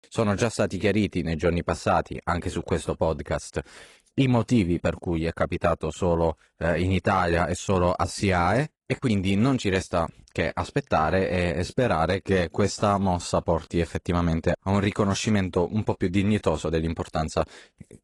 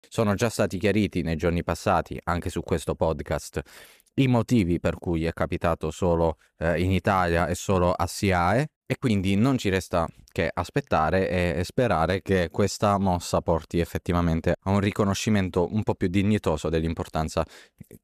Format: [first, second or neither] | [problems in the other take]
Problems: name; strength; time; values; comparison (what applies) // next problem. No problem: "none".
second | garbled, watery; slightly; nothing above 10.5 kHz